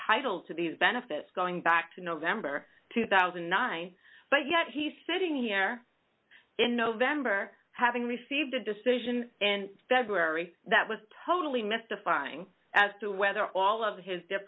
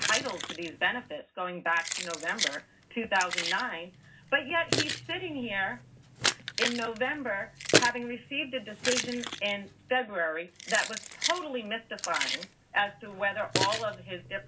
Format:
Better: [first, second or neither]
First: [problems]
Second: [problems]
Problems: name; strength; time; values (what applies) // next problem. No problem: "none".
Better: first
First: none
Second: background sound (Keys jangling); 2 dB below the speech // room echo; dies away in 0.4 s